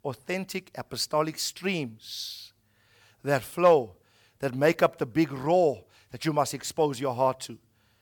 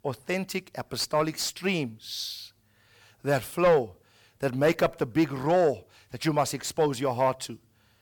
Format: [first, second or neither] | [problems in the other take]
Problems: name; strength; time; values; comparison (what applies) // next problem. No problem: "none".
first | distortion; slight; 10 dB below the speech